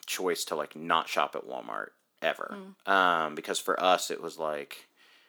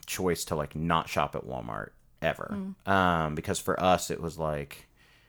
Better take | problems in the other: second | thin; somewhat; fading below 250 Hz

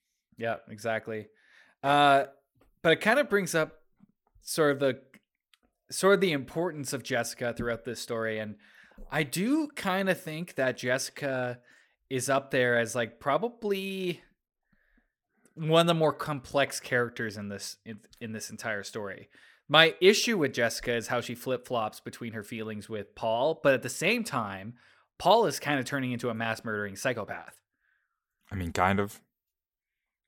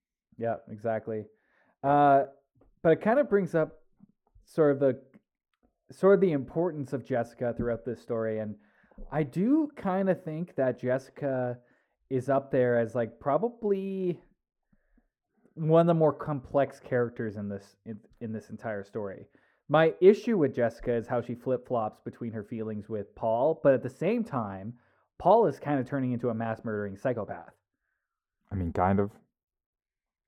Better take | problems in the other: first | muffled; very; fading above 1.5 kHz

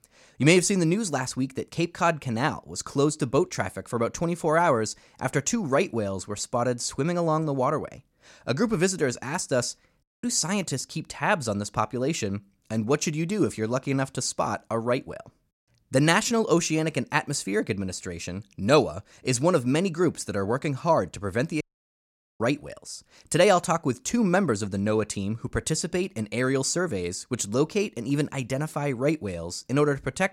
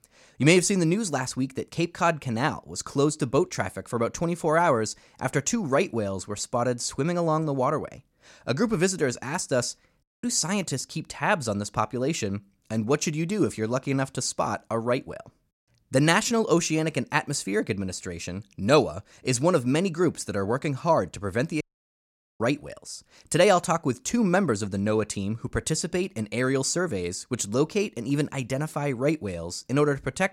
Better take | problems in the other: neither | audio cutting out; at 10 s and at 22 s for 1 s; the same in both

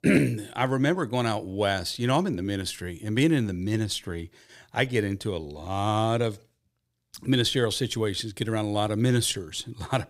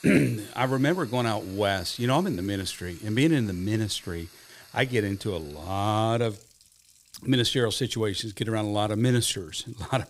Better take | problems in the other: first | household noises; faint; throughout; 25 dB below the speech

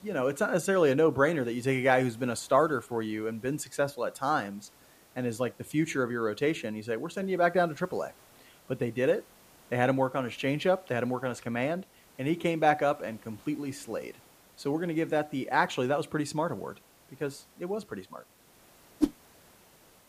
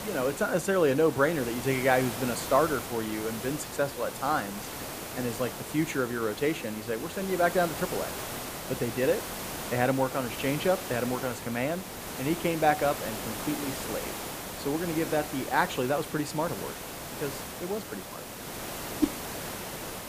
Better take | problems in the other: first | hiss; loud; throughout; 7 dB below the speech; faint in the first

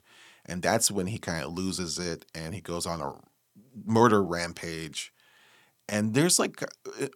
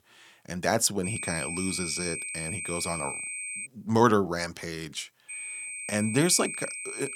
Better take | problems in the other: first | high-pitched whine; loud; from 1 to 3.5 s and from 5.5 s on; 8.5 kHz, 5 dB below the speech

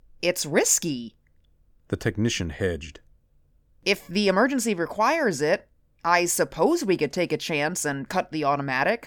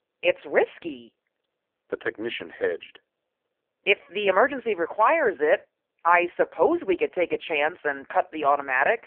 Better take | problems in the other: first | phone-call audio; poor line; nothing above 3 kHz

